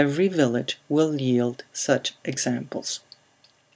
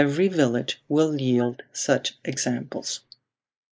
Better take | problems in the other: first | noise reduction (neural mask model Resemble Enhance denoiser)

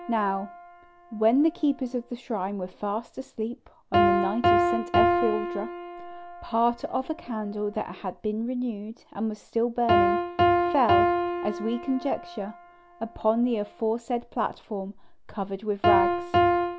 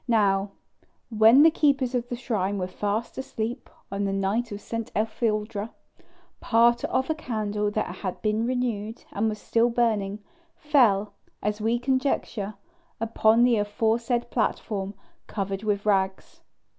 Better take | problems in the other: second | background sound (Piano); 1 dB above the speech

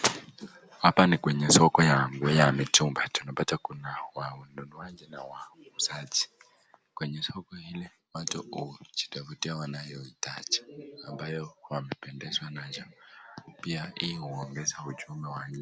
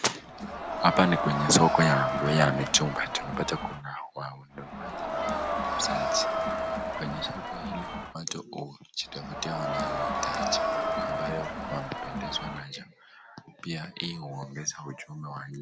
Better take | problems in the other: first | background sound (Crowd); 1 dB below the speech

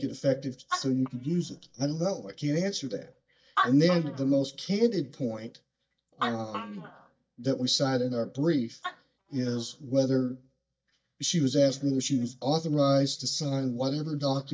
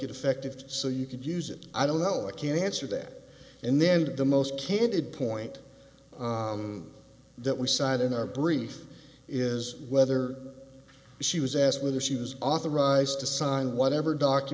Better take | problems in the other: second | noise reduction (neural mask model DeepFilterNet 3)

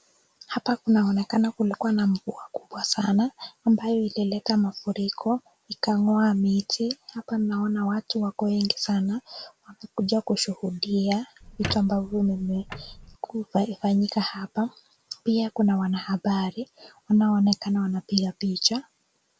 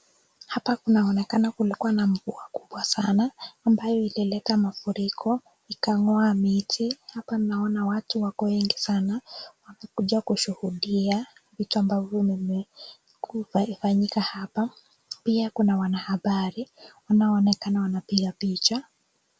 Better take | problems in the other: second | background sound (Squeak); 12 dB below the speech

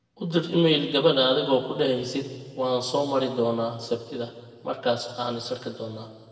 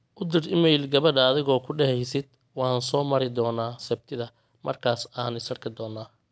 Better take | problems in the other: second | room echo; dies away in 1.5 s

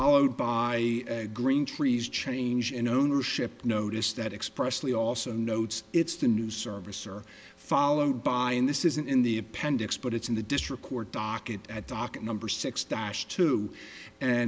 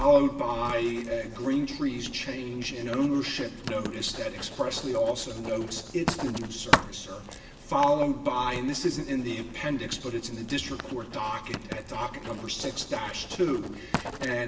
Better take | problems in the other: first | background sound (Writing); 7 dB below the speech // room echo; dies away in 0.9 s

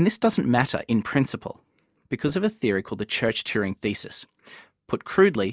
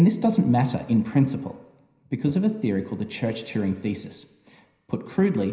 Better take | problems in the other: first | room echo; dies away in 0.9 s

